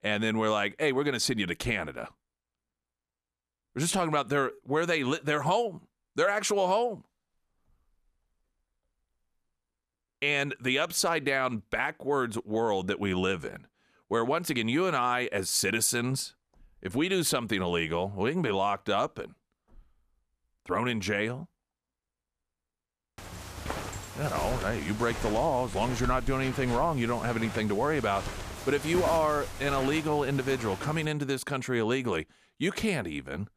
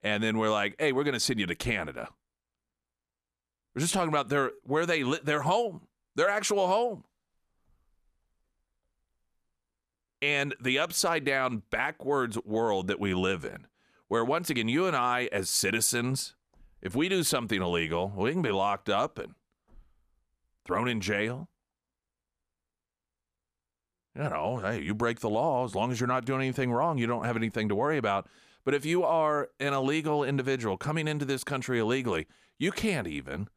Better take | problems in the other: second | footsteps; noticeable; from 23 to 31 s; peak 6 dB below the speech

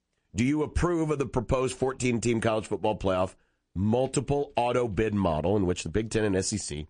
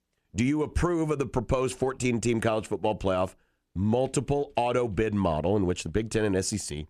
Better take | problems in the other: second | garbled, watery; slightly; nothing above 9.5 kHz

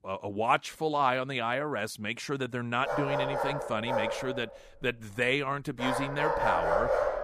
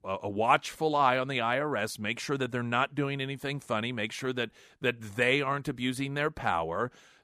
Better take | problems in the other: second | dog barking; loud; from 3 s on; peak 4 dB above the speech

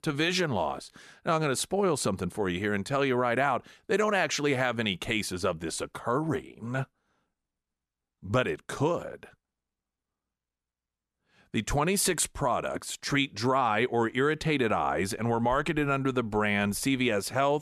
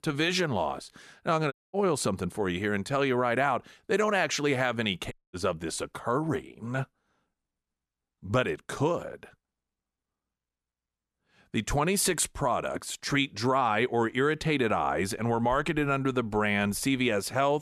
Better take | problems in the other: first | audio cutting out; at 1.5 s and at 5 s

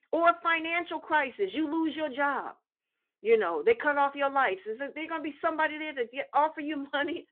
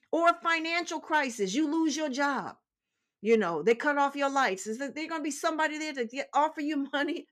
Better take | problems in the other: second | phone-call audio

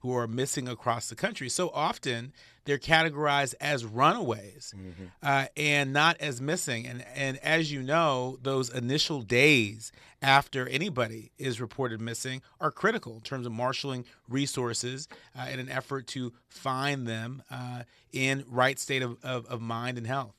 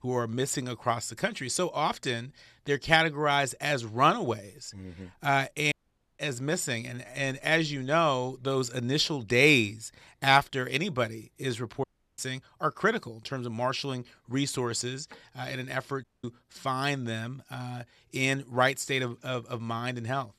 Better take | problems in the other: first | audio cutting out; at 5.5 s, at 12 s and at 16 s

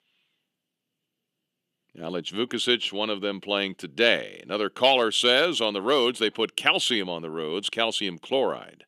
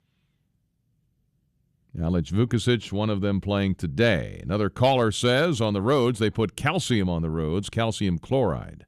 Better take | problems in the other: second | thin; somewhat; fading below 300 Hz

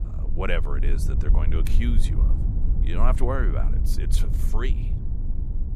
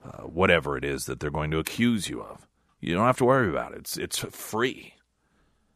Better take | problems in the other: second | low rumble; loud; throughout; 9 dB below the speech

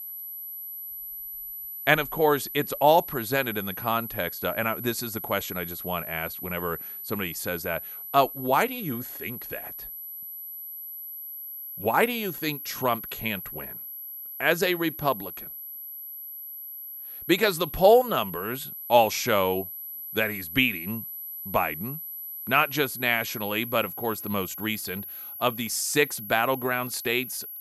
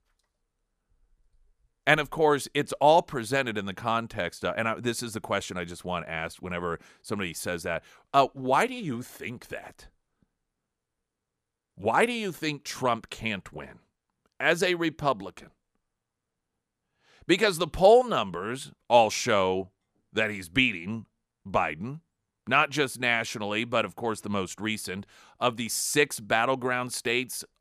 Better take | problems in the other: second | high-pitched whine; loud; throughout; 12 kHz, 9 dB below the speech

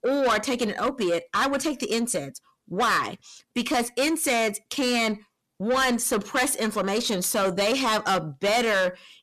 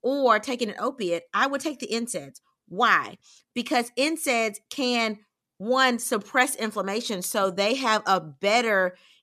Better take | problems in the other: second | distortion; heavy; 7 dB below the speech

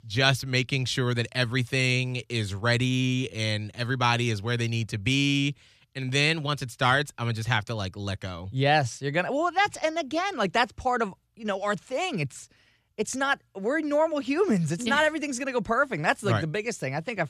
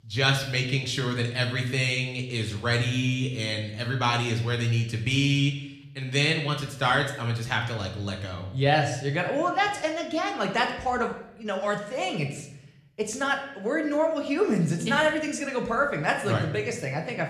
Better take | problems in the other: first | room echo; slight; dies away in 0.7 s

